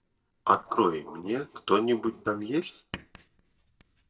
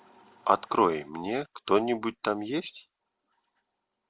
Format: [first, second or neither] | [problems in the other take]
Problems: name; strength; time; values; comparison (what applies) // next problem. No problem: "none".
second | noise reduction (neural mask model DeepFilterNet 3)